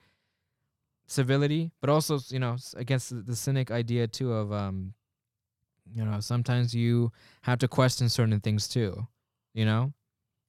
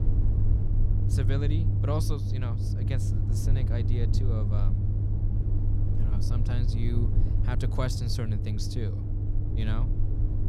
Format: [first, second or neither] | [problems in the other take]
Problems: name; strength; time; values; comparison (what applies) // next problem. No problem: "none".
first | low rumble; loud; throughout; 2 dB below the speech